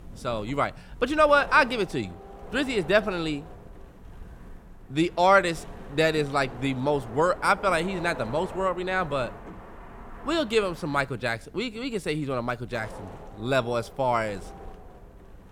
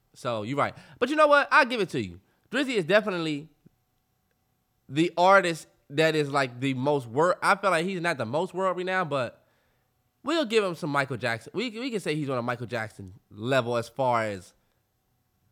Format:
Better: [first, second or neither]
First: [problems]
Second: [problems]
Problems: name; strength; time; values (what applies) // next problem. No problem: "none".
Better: second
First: wind noise on the microphone; occasional gusts; 20 dB below the speech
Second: none